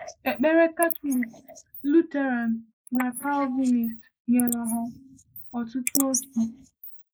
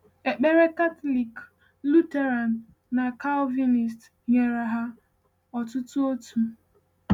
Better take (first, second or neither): second